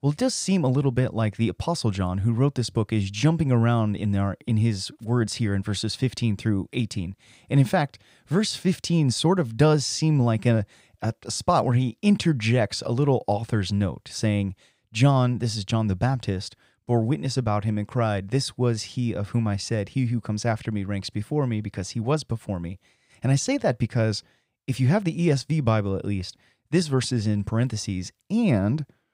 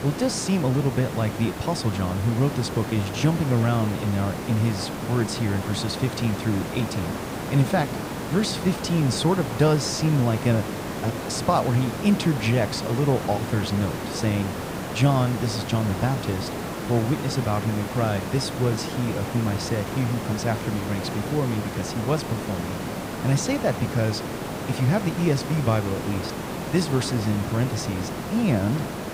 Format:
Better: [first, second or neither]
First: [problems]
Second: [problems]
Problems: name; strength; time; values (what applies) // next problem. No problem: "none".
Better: first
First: none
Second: hiss; loud; throughout; 6 dB below the speech